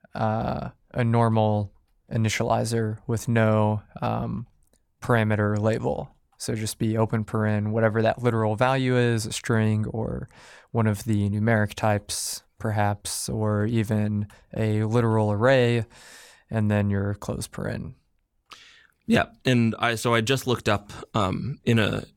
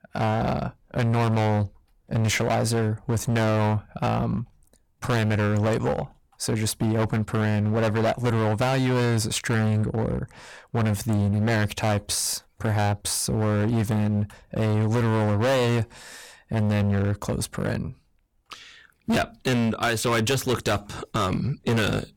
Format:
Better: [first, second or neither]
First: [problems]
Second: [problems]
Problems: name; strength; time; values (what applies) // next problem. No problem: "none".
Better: first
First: none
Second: distortion; heavy; 19% of the sound clipped